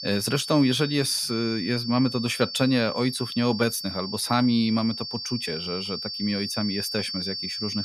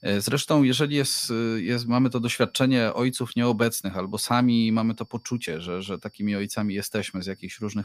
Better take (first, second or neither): second